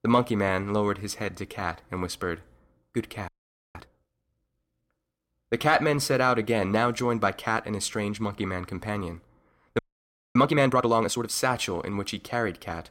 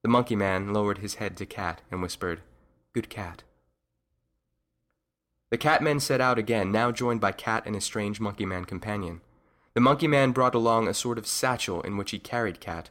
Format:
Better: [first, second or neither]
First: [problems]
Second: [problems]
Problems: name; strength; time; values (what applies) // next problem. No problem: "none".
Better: second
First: audio freezing; at 3.5 s and at 10 s for 0.5 s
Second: none